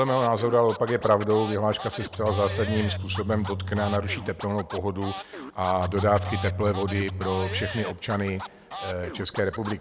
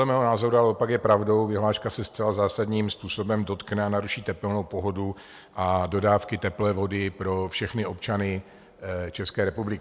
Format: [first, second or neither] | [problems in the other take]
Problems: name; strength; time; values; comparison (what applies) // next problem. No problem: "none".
second | background sound (Scratching (performance technique) + Bowed string instrument); 7 dB below the speech